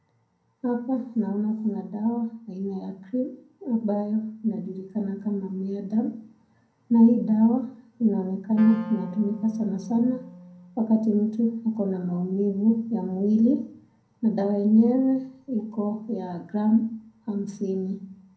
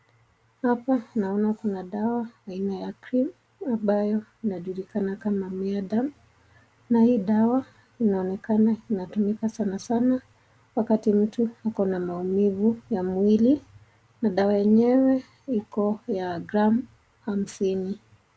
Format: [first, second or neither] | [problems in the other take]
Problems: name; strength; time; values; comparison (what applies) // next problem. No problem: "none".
second | background sound (Wind instrument, woodwind instrument); 18 dB below the speech // room echo; dies away in 0.6 s